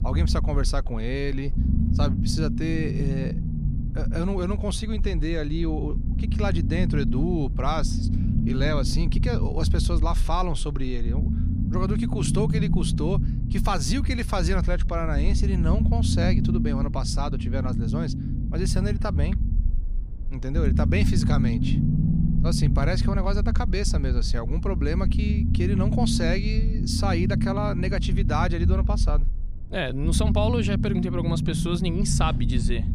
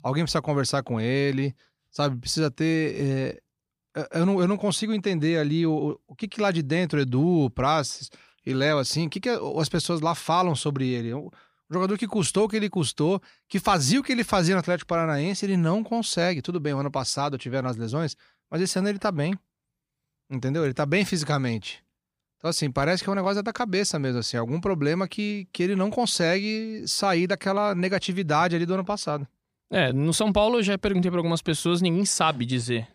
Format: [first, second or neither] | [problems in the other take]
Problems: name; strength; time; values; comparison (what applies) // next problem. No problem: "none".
second | low rumble; loud; throughout; 5 dB below the speech